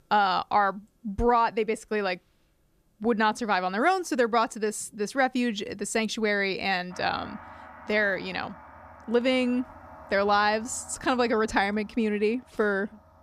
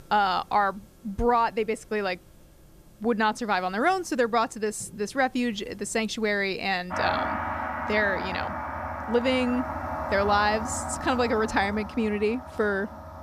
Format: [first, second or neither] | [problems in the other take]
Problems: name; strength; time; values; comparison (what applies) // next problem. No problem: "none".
first | background music; loud; throughout; 6 dB below the speech; faint in the first